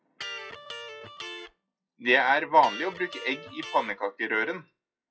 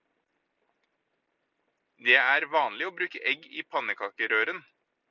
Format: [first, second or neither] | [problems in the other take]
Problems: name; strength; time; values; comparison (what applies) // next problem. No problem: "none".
second | noise reduction (classical method WPE with log-MMSE)